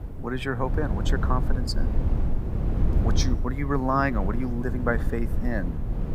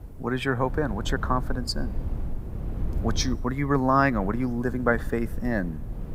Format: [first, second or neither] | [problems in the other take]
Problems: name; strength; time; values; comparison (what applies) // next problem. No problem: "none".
second | wind noise on the microphone; heavy; 10 dB below the speech; occasional gusts in the second